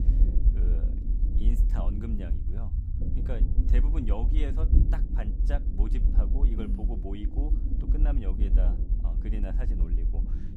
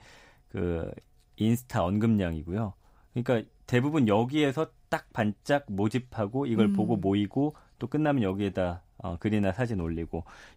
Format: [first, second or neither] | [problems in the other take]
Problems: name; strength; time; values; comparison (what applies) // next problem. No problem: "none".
second | low rumble; loud; throughout; 3 dB below the speech